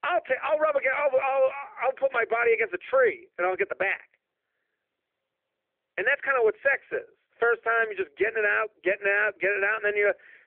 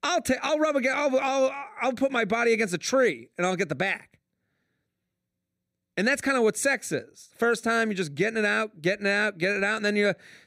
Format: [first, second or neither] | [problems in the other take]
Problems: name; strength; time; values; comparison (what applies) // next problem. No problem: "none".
second | phone-call audio